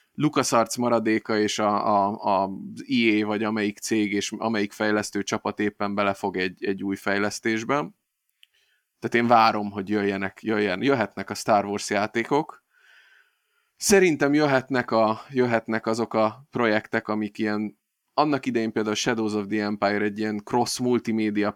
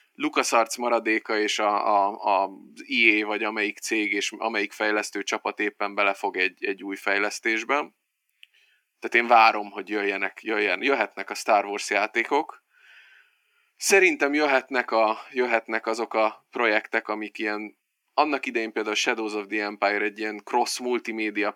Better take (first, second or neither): first